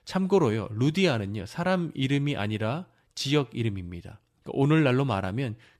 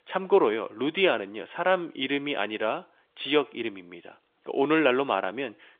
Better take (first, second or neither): first